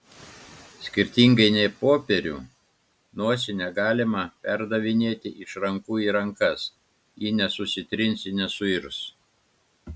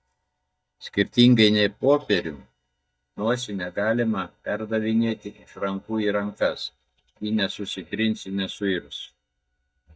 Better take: first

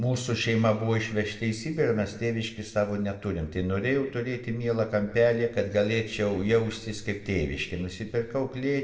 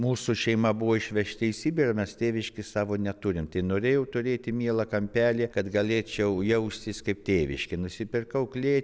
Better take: second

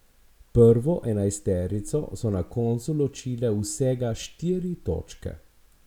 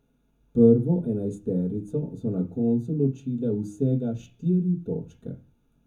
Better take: first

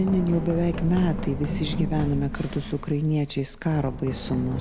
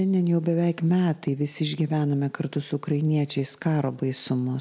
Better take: second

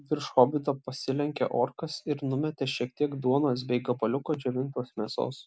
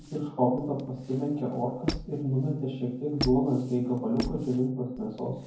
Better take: first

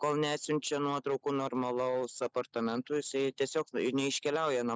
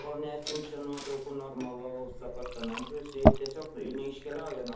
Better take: first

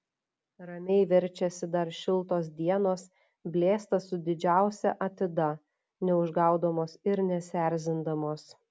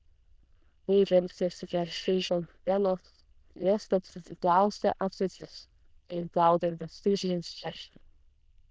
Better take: first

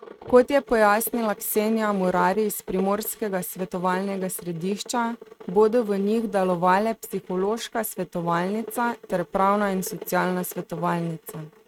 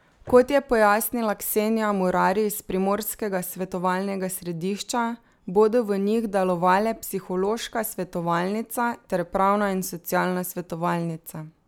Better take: second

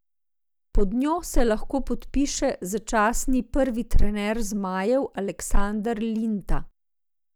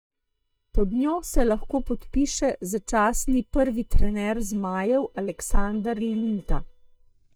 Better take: first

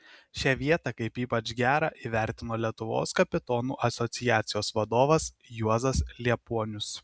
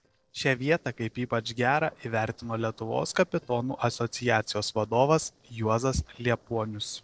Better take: first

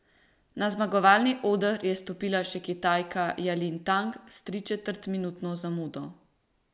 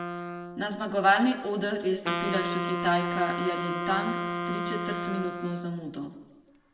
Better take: first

